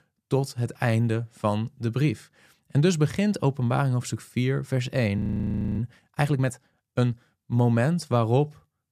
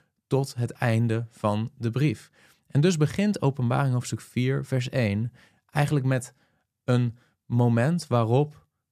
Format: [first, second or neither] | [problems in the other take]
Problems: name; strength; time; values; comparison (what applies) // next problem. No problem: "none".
second | audio freezing; at 5 s for 0.5 s